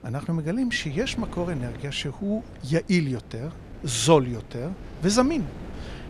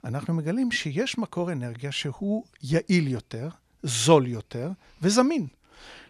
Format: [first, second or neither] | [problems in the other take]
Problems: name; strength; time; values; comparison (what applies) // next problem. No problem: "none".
second | wind noise on the microphone; occasional gusts; 20 dB below the speech